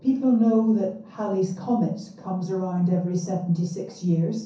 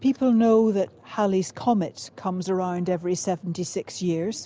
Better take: second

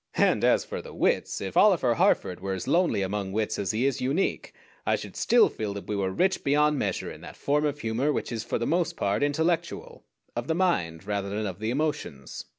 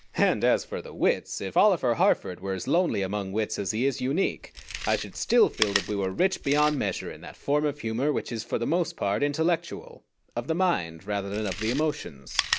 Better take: first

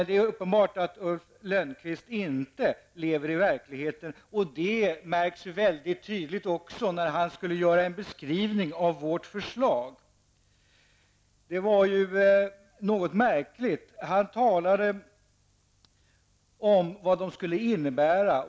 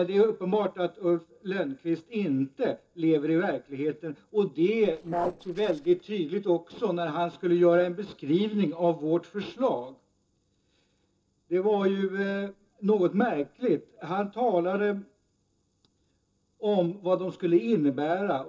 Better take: first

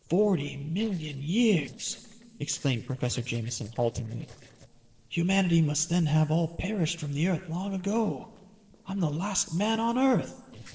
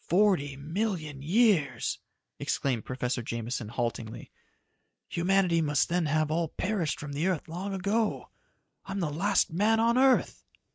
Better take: second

